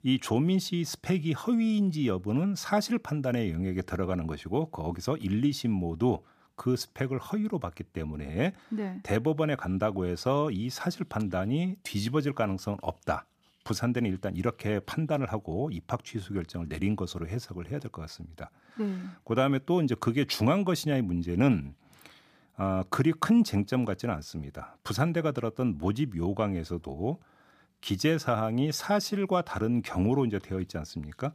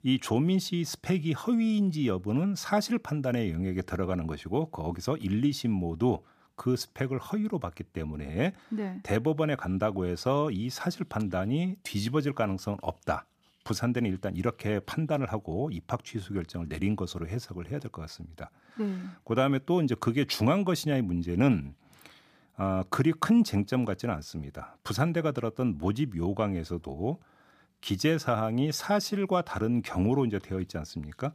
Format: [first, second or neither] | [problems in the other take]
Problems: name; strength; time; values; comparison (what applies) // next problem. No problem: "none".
neither | none